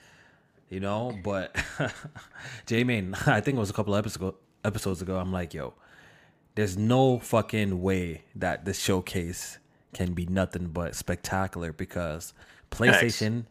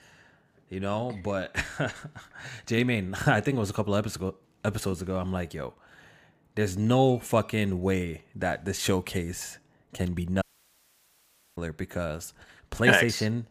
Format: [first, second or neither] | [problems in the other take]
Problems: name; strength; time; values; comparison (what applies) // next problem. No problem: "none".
first | audio cutting out; at 10 s for 1 s